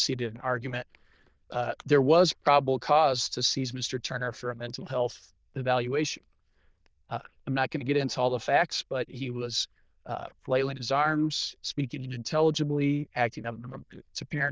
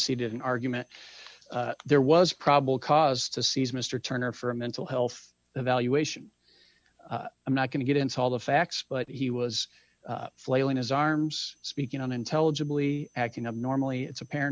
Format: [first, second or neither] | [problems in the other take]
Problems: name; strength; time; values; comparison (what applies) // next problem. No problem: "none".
second | noise reduction (neural diffusion model UNIVERSE++)